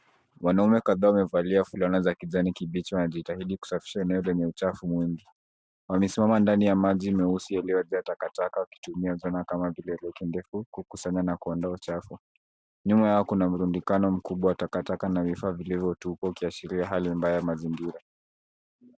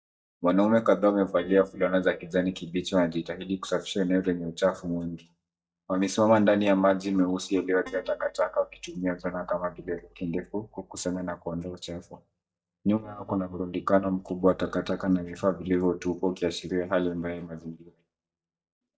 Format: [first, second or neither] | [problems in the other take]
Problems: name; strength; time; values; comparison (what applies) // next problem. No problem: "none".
first | noise reduction (neural mask model DeepFilterNet 3)